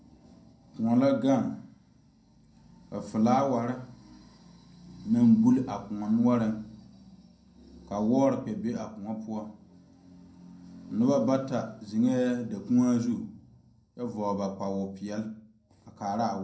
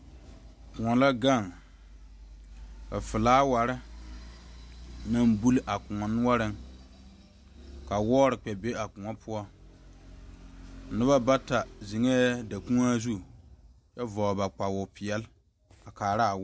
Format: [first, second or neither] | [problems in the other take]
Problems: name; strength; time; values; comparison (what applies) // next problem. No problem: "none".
second | room echo; dies away in 0.6 s